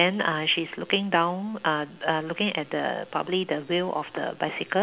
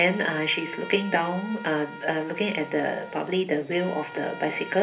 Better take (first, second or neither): first